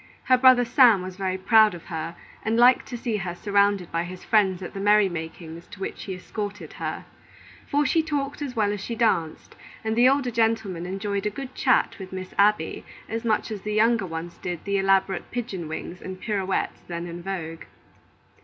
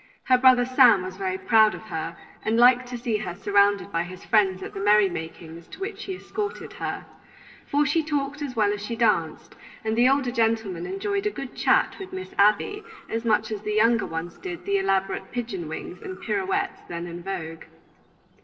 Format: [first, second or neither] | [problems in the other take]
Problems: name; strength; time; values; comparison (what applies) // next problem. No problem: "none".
first | noise reduction (neural separator model SepFormer DNS4)